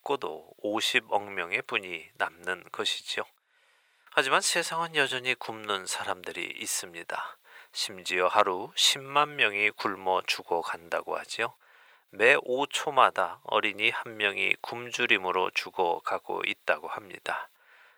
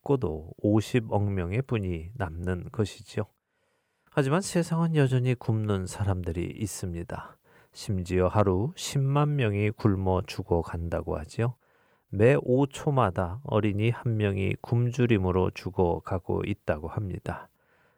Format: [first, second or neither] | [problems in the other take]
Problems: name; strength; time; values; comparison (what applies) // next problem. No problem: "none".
second | thin; very; fading below 800 Hz